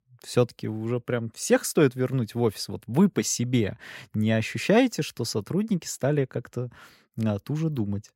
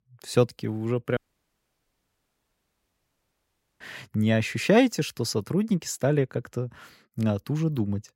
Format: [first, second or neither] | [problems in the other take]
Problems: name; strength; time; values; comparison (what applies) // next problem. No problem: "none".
first | audio cutting out; at 1 s for 2.5 s